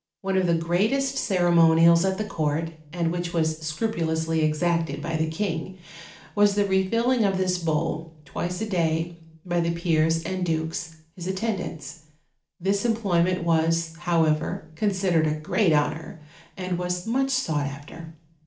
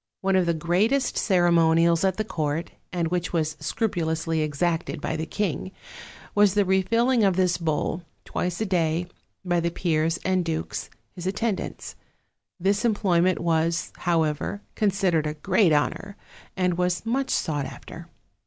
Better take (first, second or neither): second